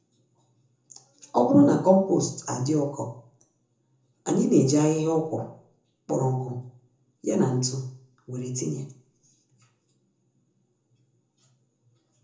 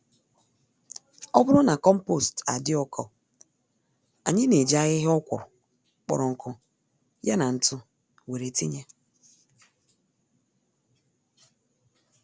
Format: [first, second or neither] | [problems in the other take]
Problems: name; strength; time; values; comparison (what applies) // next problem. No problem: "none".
second | room echo; dies away in 0.6 s